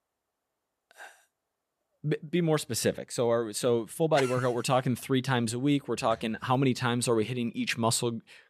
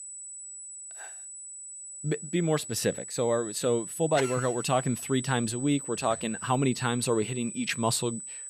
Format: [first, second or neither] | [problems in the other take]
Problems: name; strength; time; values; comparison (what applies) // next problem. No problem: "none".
first | high-pitched whine; loud; throughout; 8 kHz, 9 dB below the speech